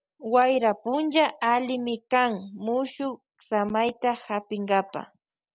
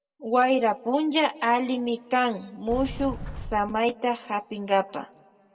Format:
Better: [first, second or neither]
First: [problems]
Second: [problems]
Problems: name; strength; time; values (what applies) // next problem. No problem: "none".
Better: first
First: none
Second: background sound (Sliding door); 9 dB below the speech // room echo; dies away in 1.3 s